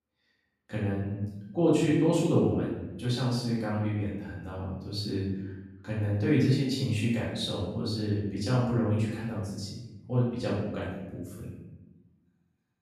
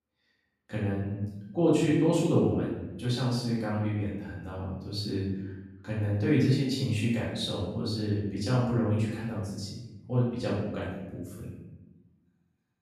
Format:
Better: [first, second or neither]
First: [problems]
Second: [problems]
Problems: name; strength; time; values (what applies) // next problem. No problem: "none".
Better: neither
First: off-mic speech; far // room echo; noticeable; dies away in 1 s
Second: off-mic speech; far // room echo; noticeable; dies away in 1 s